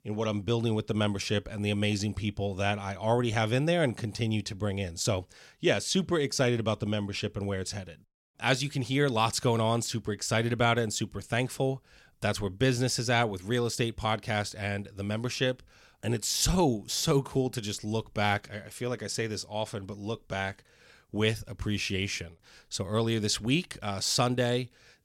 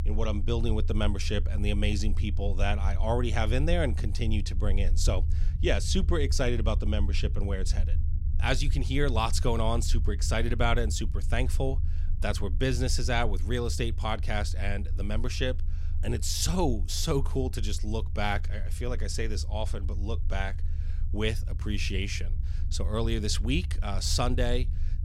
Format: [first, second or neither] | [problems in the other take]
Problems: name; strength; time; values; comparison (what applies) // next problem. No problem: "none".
first | low rumble; noticeable; throughout; 15 dB below the speech